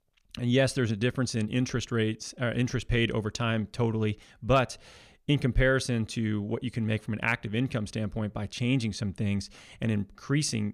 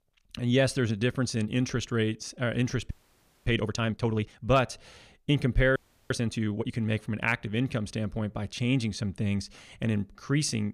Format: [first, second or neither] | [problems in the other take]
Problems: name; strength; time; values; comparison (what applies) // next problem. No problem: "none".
first | audio freezing; at 3 s for 0.5 s and at 6 s